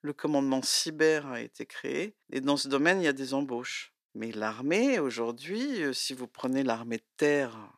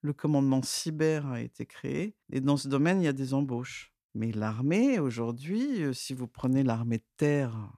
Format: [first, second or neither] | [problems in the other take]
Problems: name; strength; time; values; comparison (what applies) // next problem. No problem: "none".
second | thin; somewhat; fading below 400 Hz